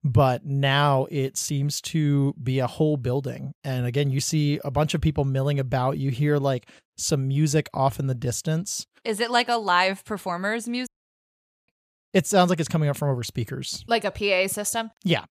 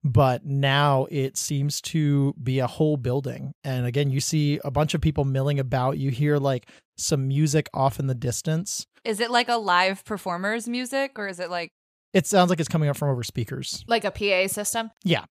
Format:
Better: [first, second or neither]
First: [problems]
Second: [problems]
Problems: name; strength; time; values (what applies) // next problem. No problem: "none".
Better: second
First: audio cutting out; at 11 s for 1 s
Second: none